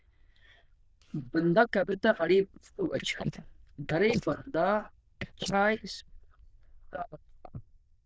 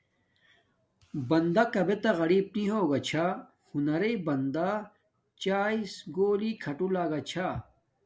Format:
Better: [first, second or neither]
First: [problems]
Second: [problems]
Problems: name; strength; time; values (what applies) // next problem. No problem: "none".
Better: second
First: noise reduction (neural diffusion model UNIVERSE++)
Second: none